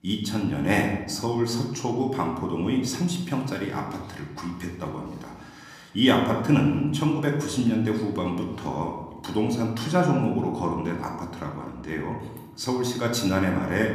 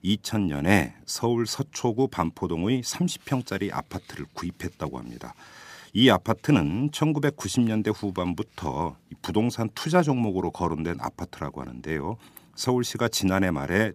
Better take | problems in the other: second | room echo; slight; dies away in 0.9 s // off-mic speech; somewhat distant

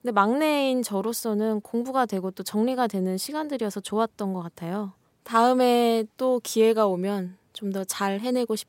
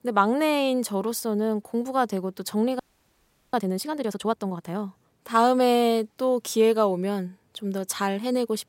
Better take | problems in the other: first | audio freezing; at 3 s for 0.5 s

